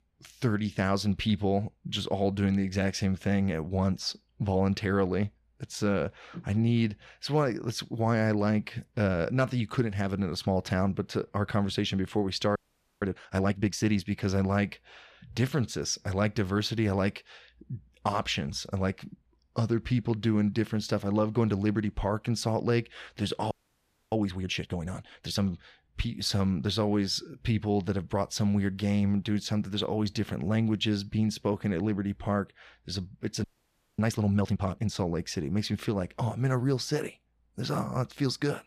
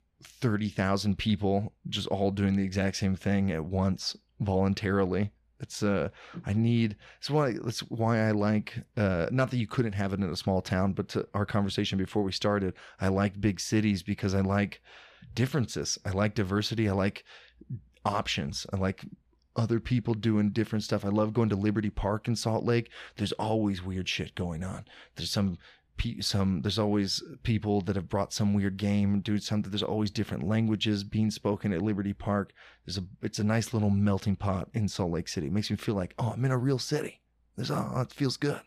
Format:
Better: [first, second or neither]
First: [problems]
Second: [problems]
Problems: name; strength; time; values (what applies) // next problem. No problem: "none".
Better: second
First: audio freezing; at 13 s, at 24 s for 0.5 s and at 33 s for 0.5 s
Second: none